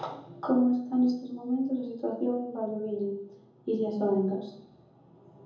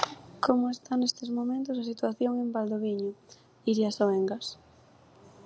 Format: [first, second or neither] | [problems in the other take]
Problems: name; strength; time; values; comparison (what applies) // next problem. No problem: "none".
second | room echo; dies away in 0.7 s